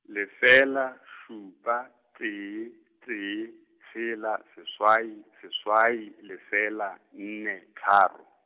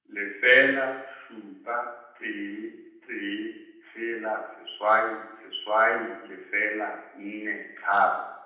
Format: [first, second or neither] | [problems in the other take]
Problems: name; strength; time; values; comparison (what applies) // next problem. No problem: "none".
first | room echo; dies away in 0.9 s